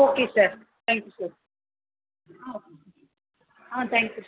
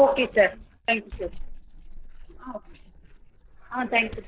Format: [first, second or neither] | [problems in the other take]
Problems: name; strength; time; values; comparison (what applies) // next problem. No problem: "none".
first | noise reduction (neural separator model SepFormer DNS4)